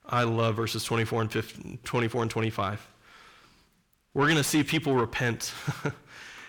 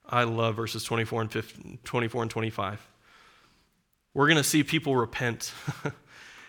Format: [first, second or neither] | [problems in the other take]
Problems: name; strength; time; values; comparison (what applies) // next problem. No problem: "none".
second | distortion; slight; 10 dB below the speech